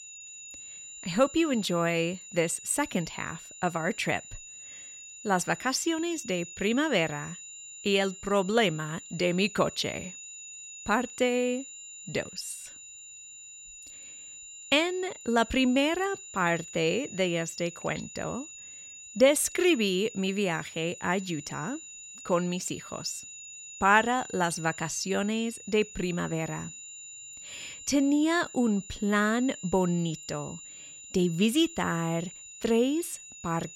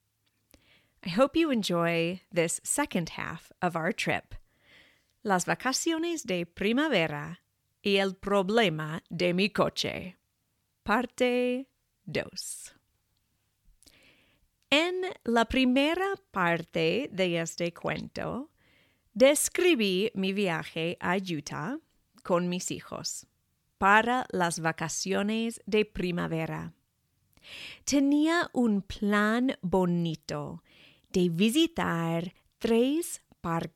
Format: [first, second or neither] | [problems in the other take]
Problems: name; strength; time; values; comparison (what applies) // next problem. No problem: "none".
second | high-pitched whine; noticeable; throughout; 7 kHz, 15 dB below the speech